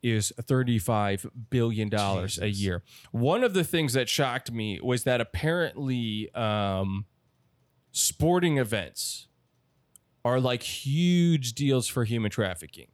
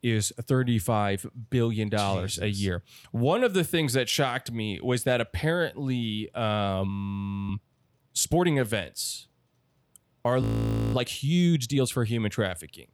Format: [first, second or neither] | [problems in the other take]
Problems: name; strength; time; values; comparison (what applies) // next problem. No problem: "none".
first | audio freezing; at 7 s for 0.5 s and at 10 s for 0.5 s